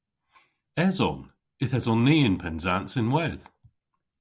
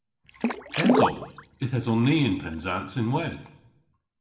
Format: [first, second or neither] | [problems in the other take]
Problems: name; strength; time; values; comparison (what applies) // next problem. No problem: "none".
first | background sound (Water / Splash, splatter); as loud as the speech // room echo; dies away in 0.7 s